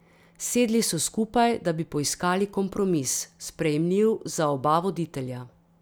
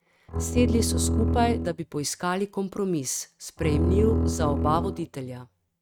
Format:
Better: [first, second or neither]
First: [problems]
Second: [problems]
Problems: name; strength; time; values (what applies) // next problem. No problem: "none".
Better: first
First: none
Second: noise reduction (neural mask model RNNoise)